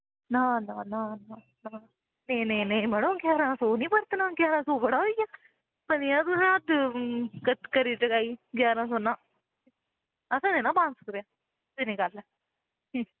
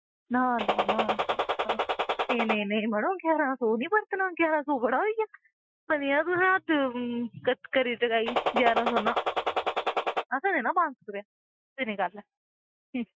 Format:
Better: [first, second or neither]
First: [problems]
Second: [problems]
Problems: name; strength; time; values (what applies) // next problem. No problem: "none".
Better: first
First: none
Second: noise reduction (classical method Wiener filter)